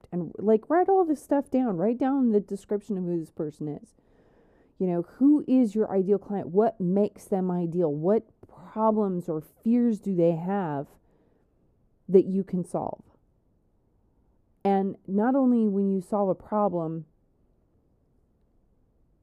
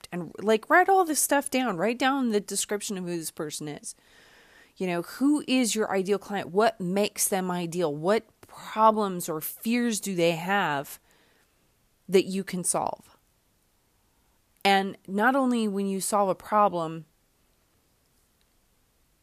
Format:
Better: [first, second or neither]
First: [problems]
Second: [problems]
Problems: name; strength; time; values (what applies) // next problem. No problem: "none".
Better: second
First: muffled; very; fading above 1 kHz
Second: none